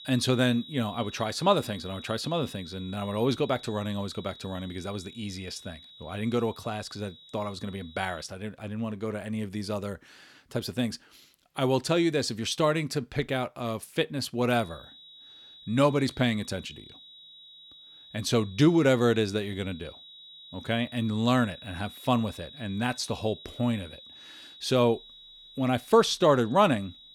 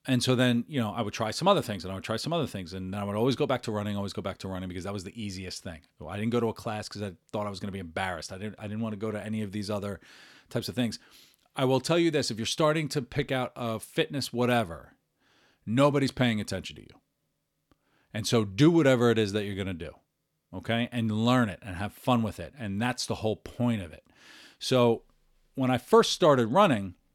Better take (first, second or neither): second